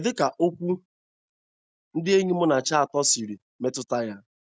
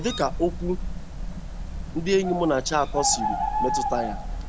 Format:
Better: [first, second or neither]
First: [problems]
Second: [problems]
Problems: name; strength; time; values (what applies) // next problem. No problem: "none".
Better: first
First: none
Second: background sound (Bird); 2 dB below the speech